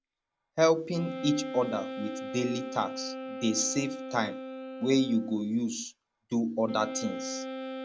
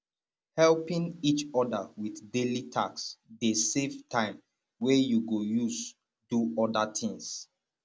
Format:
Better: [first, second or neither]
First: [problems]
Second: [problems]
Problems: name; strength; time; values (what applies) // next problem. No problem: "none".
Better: second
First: background sound (Wind instrument, woodwind instrument); 9 dB below the speech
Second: none